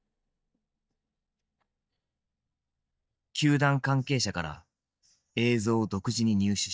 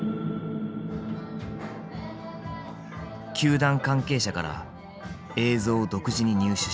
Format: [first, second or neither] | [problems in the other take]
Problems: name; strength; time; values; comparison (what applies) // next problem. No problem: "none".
second | noise reduction (neural mask model DeepFilterNet 3)